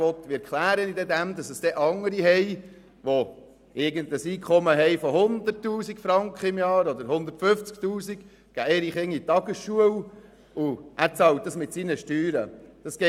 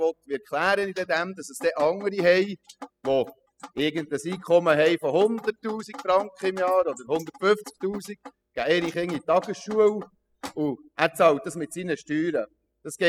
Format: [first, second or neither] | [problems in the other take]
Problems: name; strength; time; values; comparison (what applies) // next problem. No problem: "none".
first | noise reduction (classical method spectral subtraction)